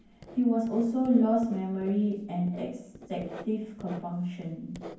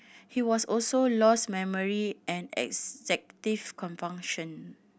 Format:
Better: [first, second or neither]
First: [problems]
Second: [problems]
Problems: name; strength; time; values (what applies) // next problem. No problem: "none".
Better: second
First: background sound (Writing); 18 dB below the speech // room echo; dies away in 0.9 s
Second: none